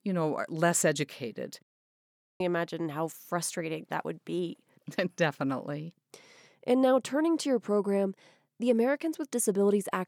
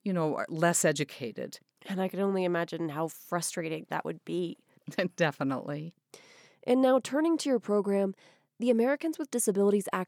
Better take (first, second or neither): second